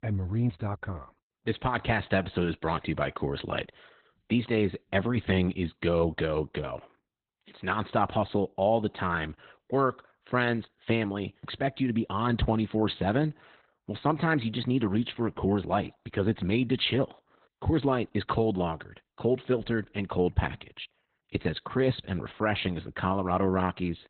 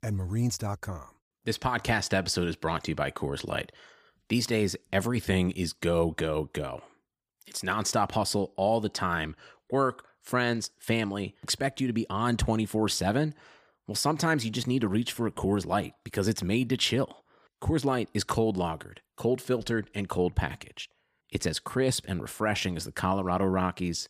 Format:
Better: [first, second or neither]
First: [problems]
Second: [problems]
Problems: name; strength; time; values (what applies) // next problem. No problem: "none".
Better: second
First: garbled, watery; badly; nothing above 4 kHz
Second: none